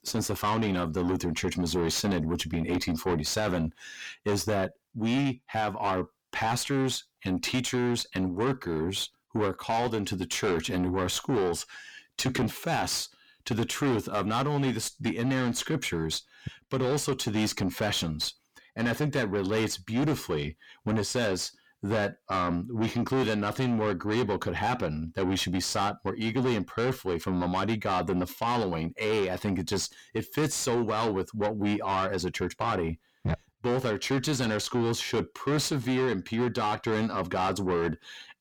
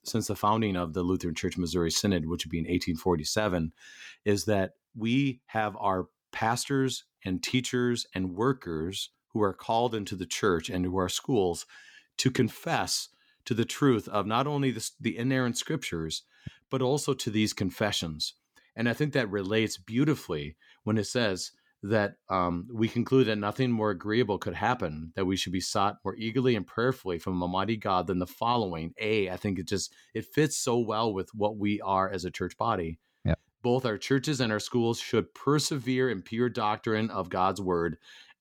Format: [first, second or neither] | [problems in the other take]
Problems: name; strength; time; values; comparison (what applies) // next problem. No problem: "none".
second | distortion; heavy; 7 dB below the speech